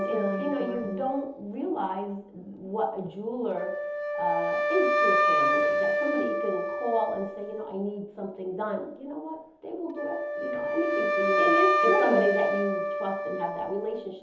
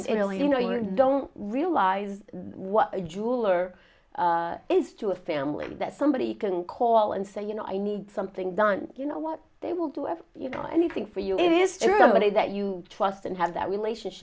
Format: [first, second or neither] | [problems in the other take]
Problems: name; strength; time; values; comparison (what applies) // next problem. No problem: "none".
second | background sound (Wind instrument, woodwind instrument); 2 dB above the speech // room echo; dies away in 0.8 s